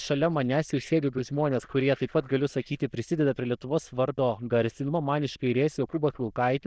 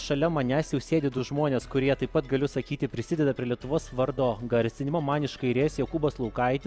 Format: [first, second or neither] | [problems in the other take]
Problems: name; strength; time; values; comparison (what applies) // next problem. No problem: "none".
second | noise reduction (neural diffusion model UNIVERSE++)